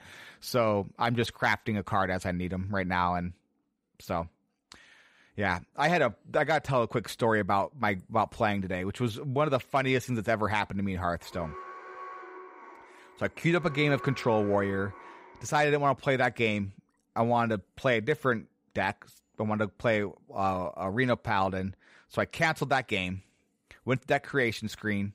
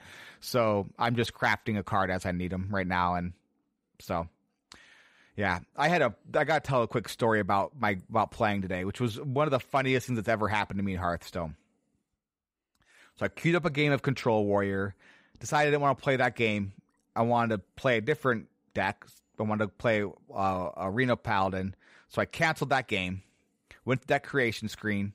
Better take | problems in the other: second | alarm; faint; from 11 to 15 s; peak 10 dB below the speech

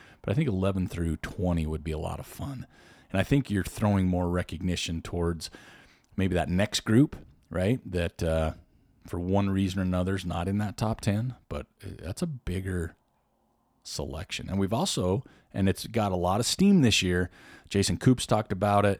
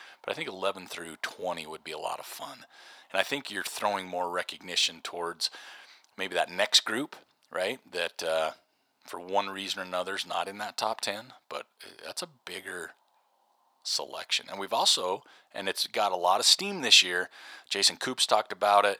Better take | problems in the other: first | thin; very; fading below 750 Hz

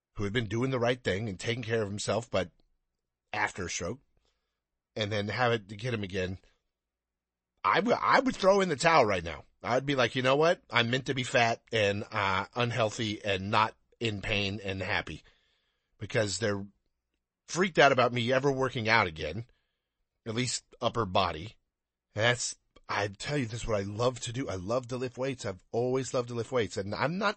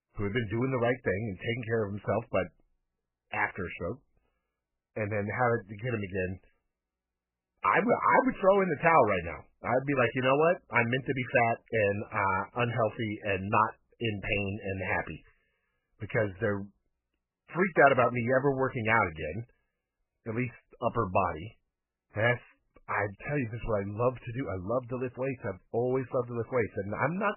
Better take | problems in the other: first | garbled, watery; badly; nothing above 3 kHz; slightly in the first

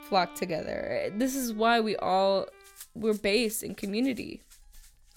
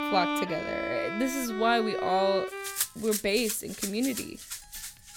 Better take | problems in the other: first | background music; loud; throughout; 4 dB below the speech; faint in the first

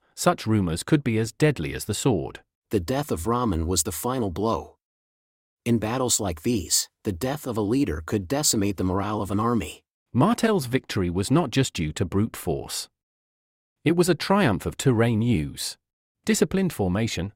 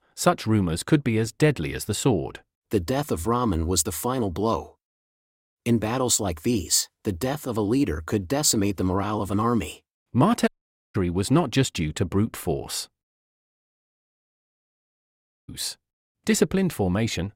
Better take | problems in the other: first | audio cutting out; at 10 s and at 14 s for 2 s

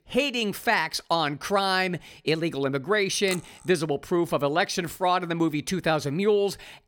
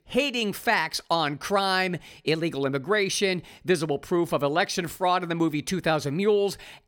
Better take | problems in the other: second | clattering dishes; faint; at 3.5 s; peak 15 dB below the speech

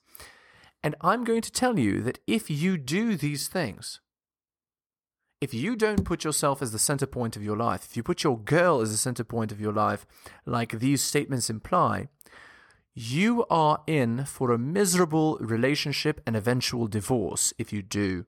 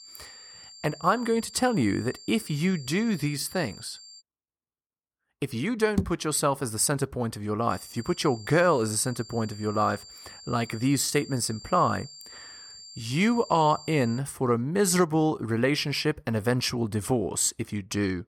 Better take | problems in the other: first | high-pitched whine; noticeable; until 4 s and from 7.5 to 14 s; 4.5 kHz, 20 dB below the speech

